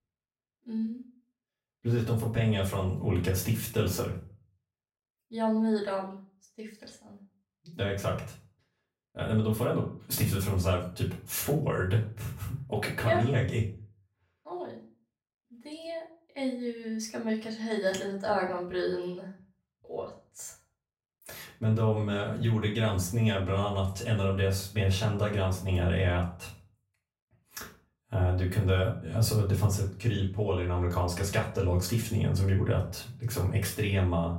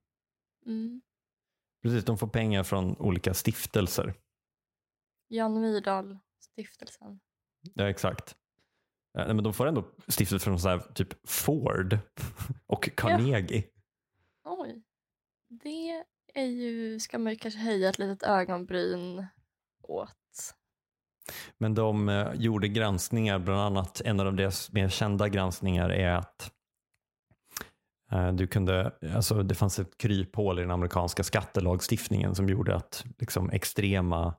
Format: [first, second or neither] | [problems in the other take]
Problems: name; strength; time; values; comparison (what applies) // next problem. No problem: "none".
second | off-mic speech; far // room echo; slight; dies away in 0.3 s